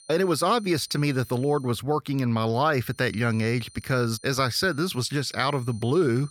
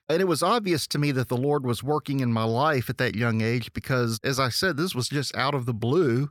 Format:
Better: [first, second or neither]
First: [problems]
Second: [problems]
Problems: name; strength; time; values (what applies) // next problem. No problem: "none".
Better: second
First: high-pitched whine; faint; until 1.5 s and from 3 s on; 9 kHz, 25 dB below the speech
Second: none